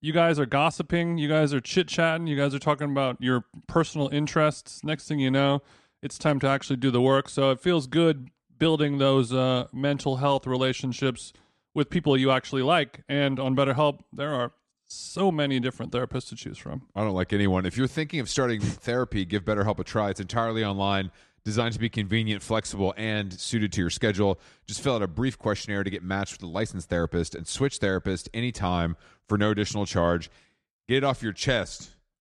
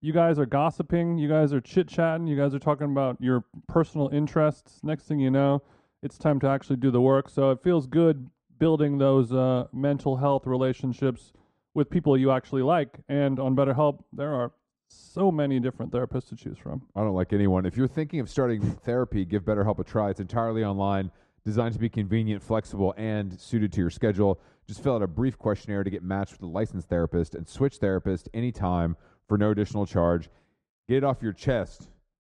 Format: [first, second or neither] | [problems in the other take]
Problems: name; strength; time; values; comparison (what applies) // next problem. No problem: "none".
first | muffled; slightly; fading above 1.5 kHz